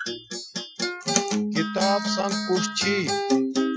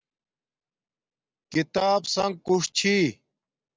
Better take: second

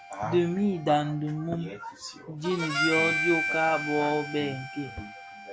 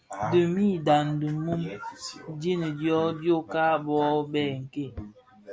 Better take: second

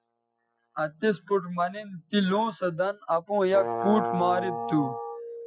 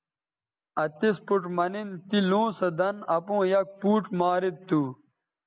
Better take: second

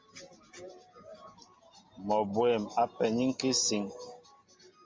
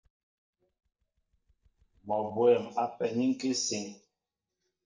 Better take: first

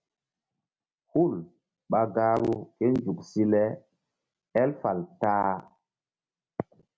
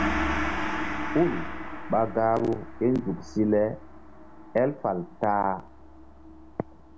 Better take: first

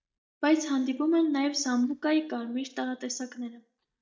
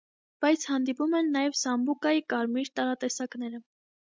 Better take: second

